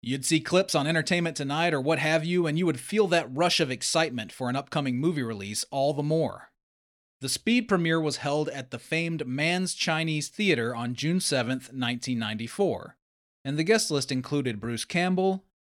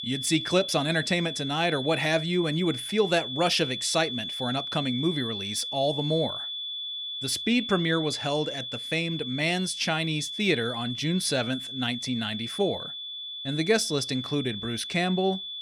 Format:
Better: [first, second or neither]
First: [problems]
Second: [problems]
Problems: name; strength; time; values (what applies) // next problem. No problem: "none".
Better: first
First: none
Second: high-pitched whine; loud; throughout; 3.5 kHz, 6 dB below the speech